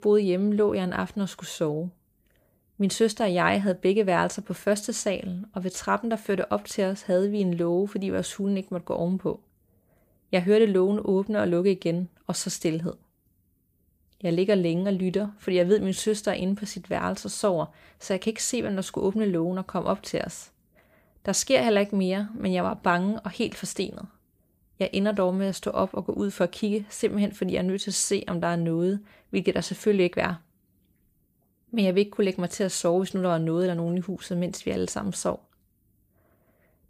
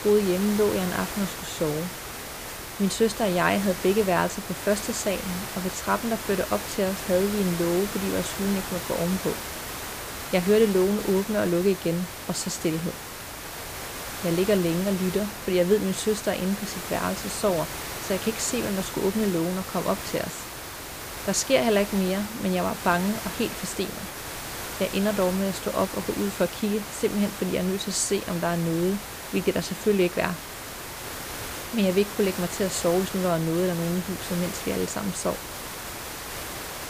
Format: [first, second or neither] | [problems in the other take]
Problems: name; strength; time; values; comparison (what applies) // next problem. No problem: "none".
first | hiss; loud; throughout; 8 dB below the speech